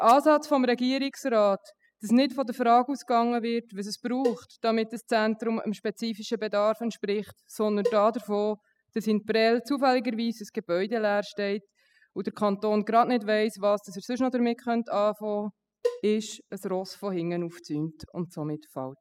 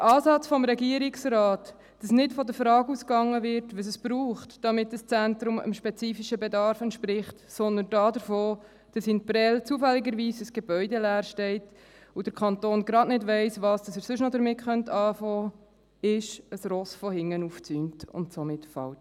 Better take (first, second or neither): second